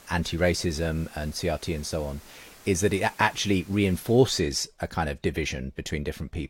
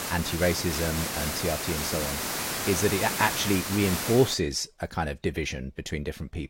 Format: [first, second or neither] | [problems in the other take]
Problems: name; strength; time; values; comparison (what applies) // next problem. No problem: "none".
first | hiss; loud; until 4.5 s; 2 dB below the speech; faint in the first